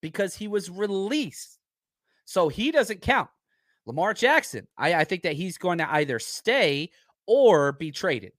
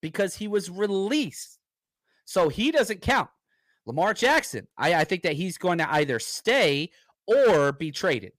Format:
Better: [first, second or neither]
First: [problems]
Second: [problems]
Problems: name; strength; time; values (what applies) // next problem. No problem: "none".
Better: first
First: none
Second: distortion; slight; 4% of the sound clipped